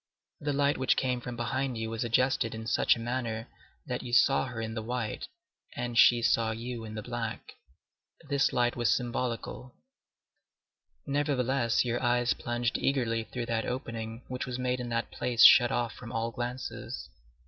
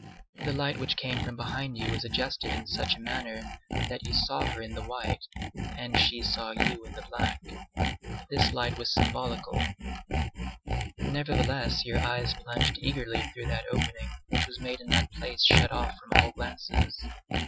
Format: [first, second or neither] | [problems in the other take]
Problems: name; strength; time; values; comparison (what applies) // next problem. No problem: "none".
first | noise reduction (classical method Wiener filter)